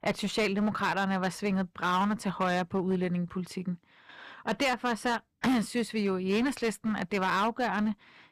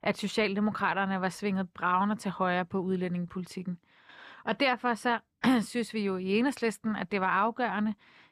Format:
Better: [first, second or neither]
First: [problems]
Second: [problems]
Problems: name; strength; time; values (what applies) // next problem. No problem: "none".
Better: second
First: distortion; slight; 11% of the sound clipped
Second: none